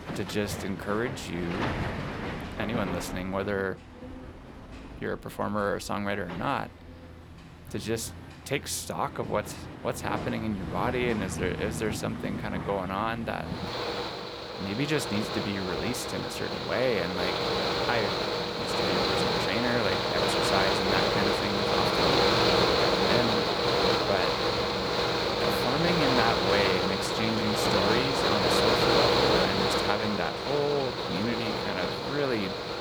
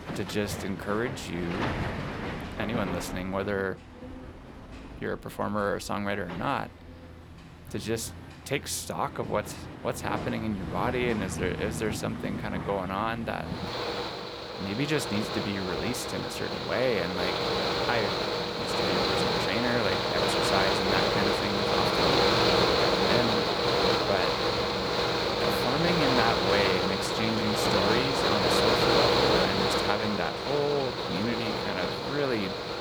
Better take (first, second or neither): neither